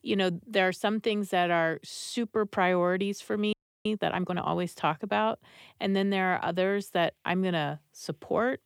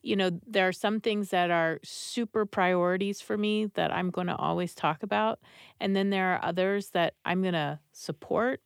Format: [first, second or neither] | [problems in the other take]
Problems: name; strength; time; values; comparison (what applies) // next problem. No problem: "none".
second | audio freezing; at 3.5 s